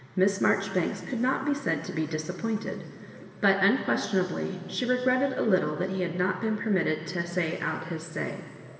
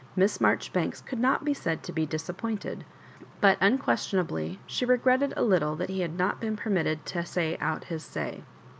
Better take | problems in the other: second | room echo; dies away in 2.5 s

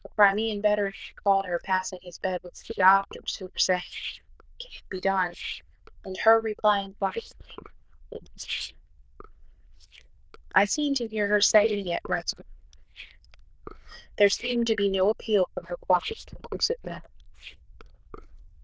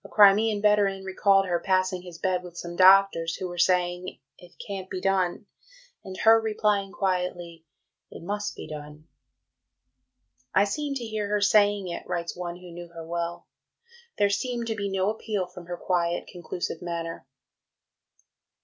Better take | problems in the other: second | noise reduction (neural diffusion model UNIVERSE++)

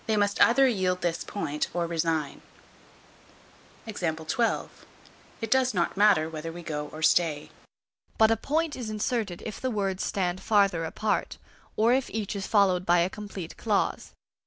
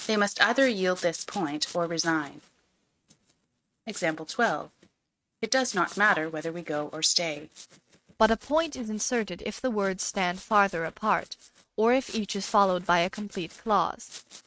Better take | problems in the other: first | noise reduction (neural mask model RNNoise)

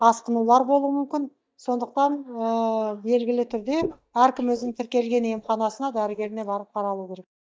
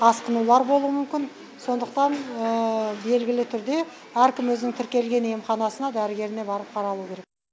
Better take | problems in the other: second | noise reduction (neural mask model DeepFilterNet 3)

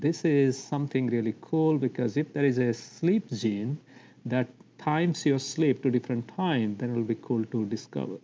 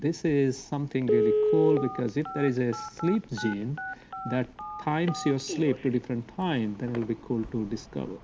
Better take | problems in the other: first | background sound (Telephone); 4 dB below the speech

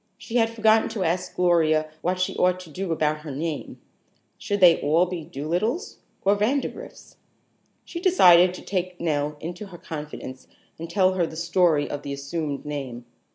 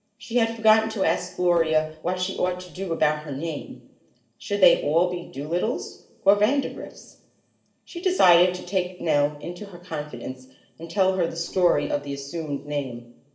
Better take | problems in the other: first | noise reduction (neural separator model SepFormer DNS4)

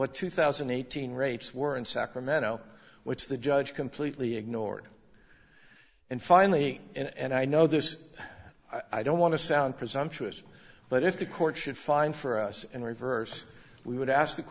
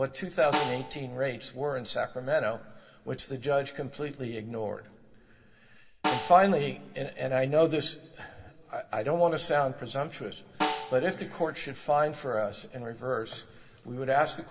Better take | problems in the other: first | background sound (Snare drum); 8 dB below the speech // room echo; dies away in 3 s

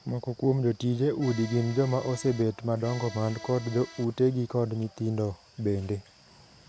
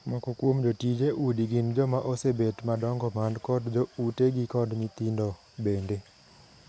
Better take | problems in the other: second | background sound (Accordion); 16 dB below the speech

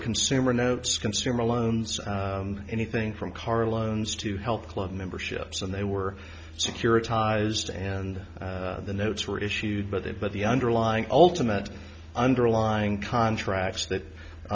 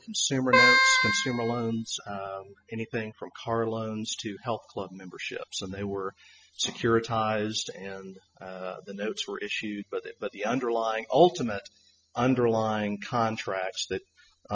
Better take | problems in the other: first | noise reduction (classical method spectral subtraction)

